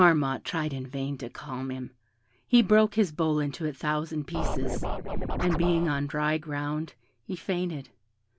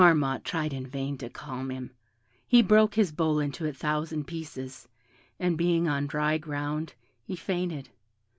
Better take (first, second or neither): second